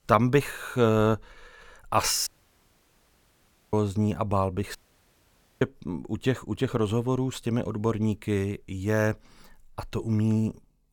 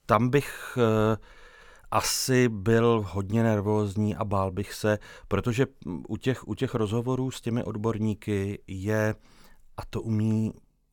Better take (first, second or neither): second